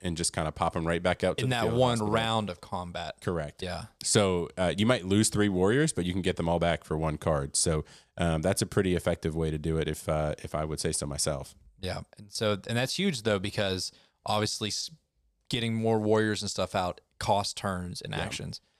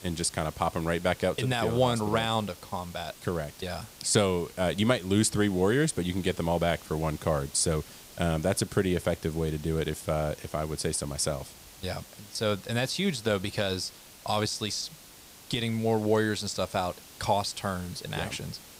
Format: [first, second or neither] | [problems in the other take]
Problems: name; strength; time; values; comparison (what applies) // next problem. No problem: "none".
first | hiss; noticeable; throughout; 20 dB below the speech